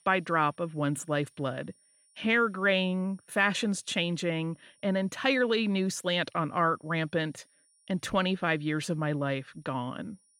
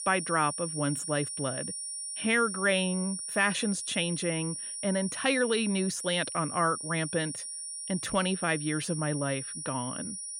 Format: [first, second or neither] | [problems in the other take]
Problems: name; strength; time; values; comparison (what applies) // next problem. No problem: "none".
first | high-pitched whine; loud; throughout; 9.5 kHz, 5 dB below the speech; faint in the first